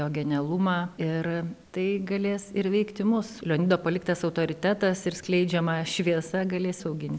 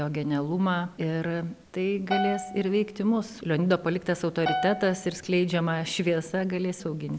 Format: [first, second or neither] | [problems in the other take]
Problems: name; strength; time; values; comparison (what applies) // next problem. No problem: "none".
first | background sound (Piano); 7 dB below the speech